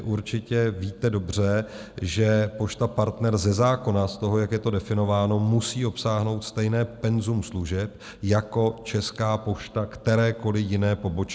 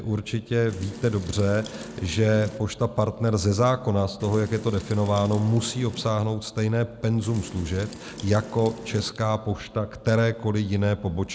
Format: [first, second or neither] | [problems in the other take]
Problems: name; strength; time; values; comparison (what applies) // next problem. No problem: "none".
first | background sound (Wind); 15 dB below the speech